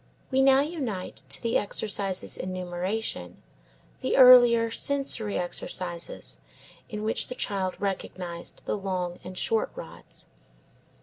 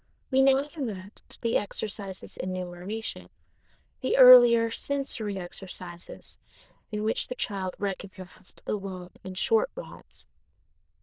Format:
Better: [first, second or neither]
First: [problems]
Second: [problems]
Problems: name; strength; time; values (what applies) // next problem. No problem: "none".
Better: first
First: none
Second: noise reduction (neural diffusion model UNIVERSE++)